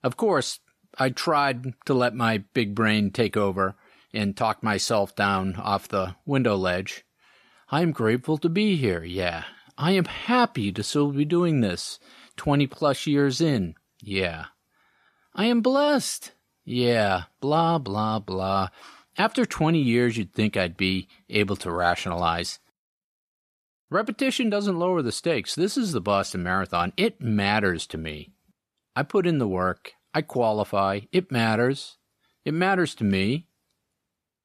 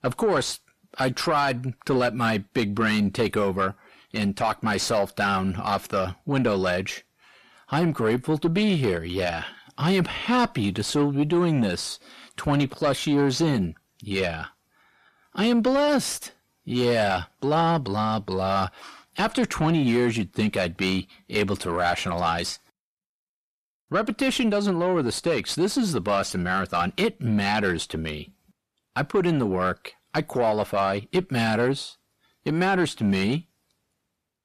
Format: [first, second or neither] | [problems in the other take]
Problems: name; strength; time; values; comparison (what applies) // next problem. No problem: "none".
first | distortion; slight; 9 dB below the speech